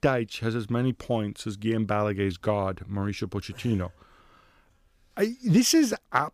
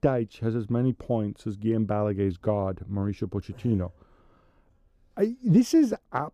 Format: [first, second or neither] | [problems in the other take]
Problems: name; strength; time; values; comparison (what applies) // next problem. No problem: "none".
first | muffled; slightly; fading above 1 kHz